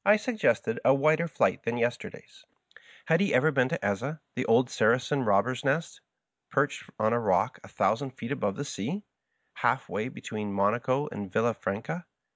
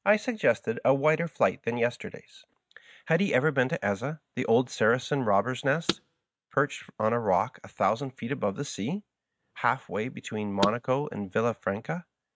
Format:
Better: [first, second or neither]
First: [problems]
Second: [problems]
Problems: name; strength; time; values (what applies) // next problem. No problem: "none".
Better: first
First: none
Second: noise reduction (neural mask model RNNoise)